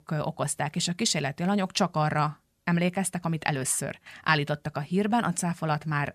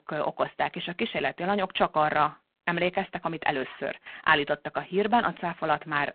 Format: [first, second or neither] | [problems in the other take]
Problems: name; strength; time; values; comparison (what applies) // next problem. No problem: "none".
first | phone-call audio; poor line